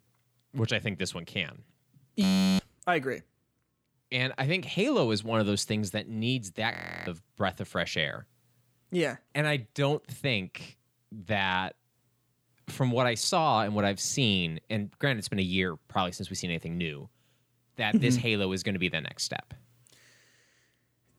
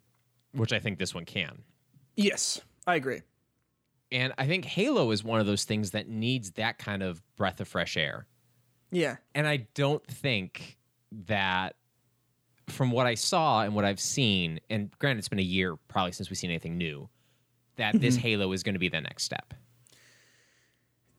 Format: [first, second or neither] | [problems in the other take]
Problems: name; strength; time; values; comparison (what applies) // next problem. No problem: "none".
second | audio freezing; at 2 s and at 6.5 s